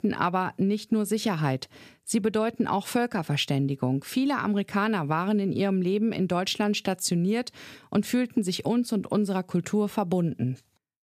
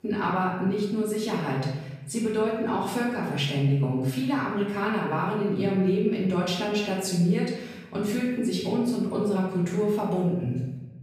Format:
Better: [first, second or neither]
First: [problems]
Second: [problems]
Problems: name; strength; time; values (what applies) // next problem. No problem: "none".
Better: first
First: none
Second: room echo; noticeable; dies away in 1 s // off-mic speech; far